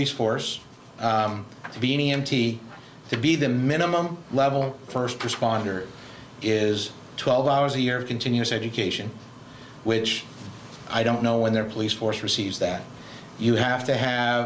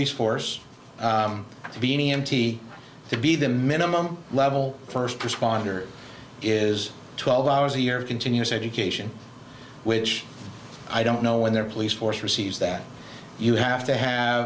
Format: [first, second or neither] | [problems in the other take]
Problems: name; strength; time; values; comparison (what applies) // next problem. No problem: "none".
second | background sound (Tap); 19 dB below the speech